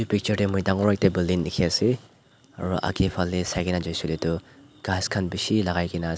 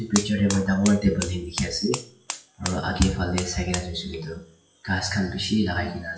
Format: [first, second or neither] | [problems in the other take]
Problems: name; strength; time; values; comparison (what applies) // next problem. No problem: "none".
first | noise reduction (classical method WPE with log-MMSE)